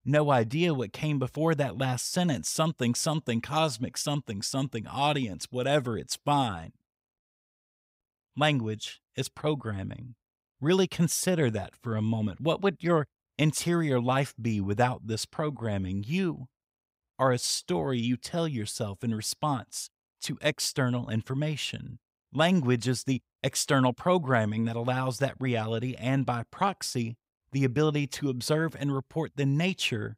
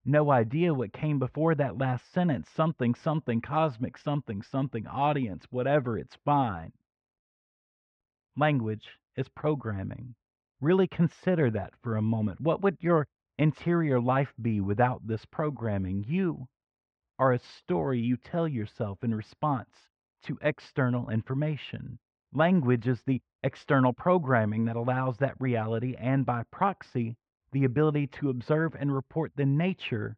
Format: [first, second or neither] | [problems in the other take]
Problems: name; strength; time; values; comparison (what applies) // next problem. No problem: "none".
first | muffled; very; fading above 2 kHz